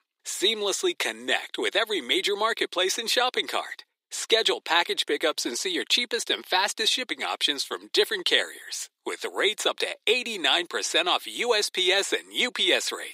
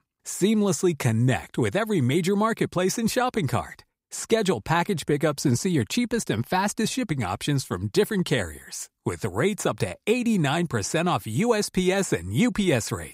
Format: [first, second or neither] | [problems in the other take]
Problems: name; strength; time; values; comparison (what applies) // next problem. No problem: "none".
second | thin; very; fading below 350 Hz